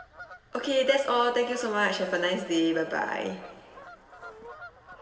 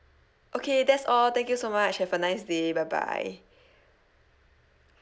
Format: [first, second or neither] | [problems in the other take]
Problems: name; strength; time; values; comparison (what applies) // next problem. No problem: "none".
second | background sound (Bird vocalization, bird call, bird song / Fowl); 18 dB below the speech // room echo; dies away in 1.9 s